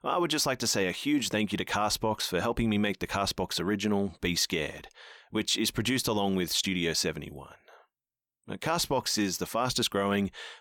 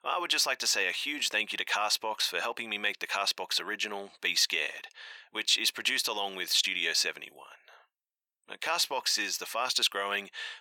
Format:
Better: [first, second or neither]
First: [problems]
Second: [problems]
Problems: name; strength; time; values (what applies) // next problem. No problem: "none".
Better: first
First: none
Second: thin; very; fading below 650 Hz